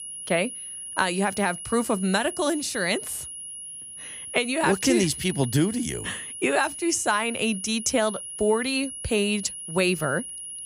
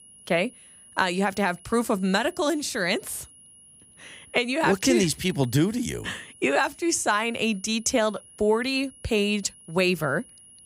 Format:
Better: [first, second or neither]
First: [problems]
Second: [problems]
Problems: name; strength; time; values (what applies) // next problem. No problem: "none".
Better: second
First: high-pitched whine; loud; throughout; 10.5 kHz, 9 dB below the speech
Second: high-pitched whine; faint; throughout; 10.5 kHz, 25 dB below the speech